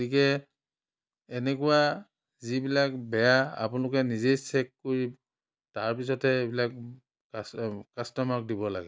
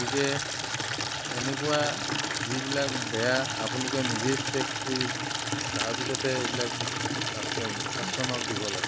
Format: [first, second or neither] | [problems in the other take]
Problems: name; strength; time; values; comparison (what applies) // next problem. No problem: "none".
first | background sound (Water tap, faucet / Liquid); 2 dB above the speech